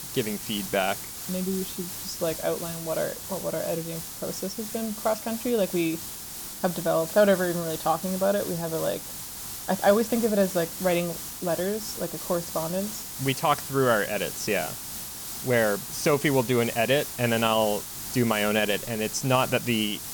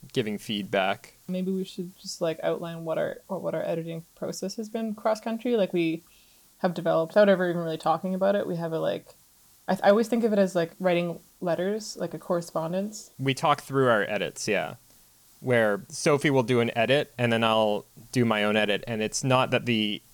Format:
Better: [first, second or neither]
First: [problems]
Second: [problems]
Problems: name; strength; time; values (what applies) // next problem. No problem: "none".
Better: second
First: hiss; loud; throughout; 7 dB below the speech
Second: hiss; faint; throughout; 30 dB below the speech